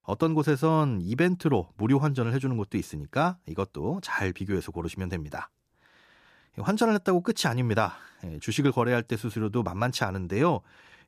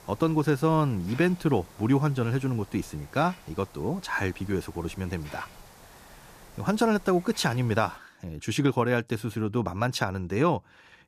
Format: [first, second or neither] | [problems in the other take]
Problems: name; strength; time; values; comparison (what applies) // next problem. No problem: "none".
first | hiss; faint; until 8 s; 20 dB below the speech